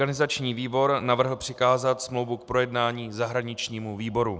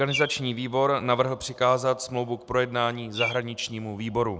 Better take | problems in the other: first | background sound (Bird); 10 dB below the speech

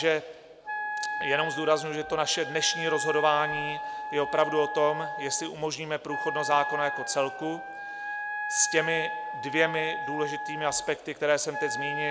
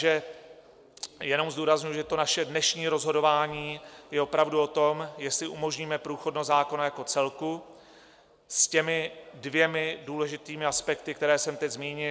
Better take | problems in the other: second | background sound (Wind instrument, woodwind instrument); 5 dB below the speech

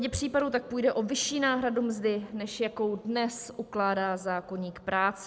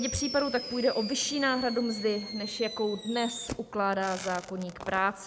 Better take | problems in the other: first | background sound (Fireworks); 11 dB below the speech

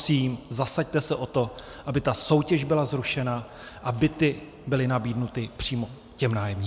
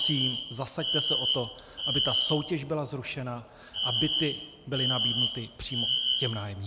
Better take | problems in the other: first | background sound (Alarm); 3 dB above the speech

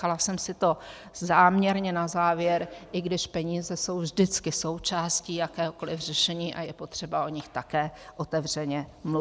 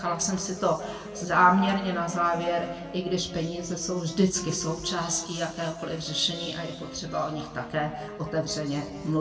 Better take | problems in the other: first | background sound (Wind instrument, woodwind instrument); 15 dB below the speech // room echo; dies away in 1.7 s

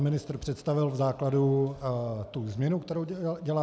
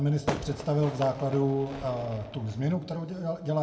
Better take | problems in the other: first | background sound (Fireworks); 10 dB below the speech // room echo; dies away in 0.9 s

